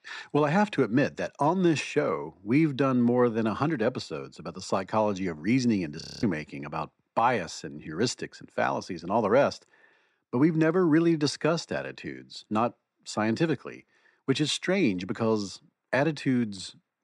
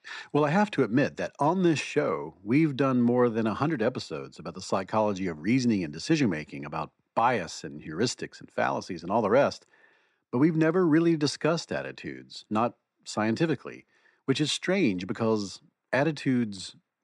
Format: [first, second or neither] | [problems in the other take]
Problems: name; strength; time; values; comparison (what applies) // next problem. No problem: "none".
second | audio freezing; at 6 s